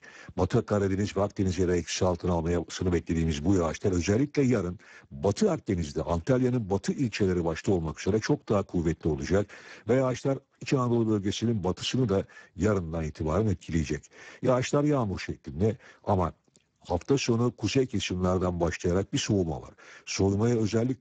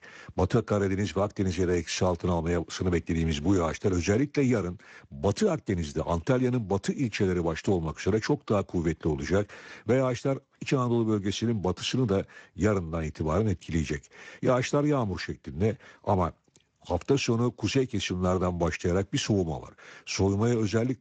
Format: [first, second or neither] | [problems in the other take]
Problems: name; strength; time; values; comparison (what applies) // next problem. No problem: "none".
second | garbled, watery; badly; nothing above 7.5 kHz; slightly in the second